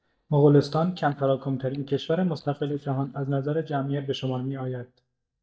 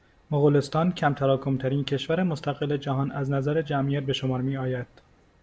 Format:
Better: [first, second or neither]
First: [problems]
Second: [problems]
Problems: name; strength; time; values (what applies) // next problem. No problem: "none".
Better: second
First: noise reduction (neural mask model DeepFilterNet 3)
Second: none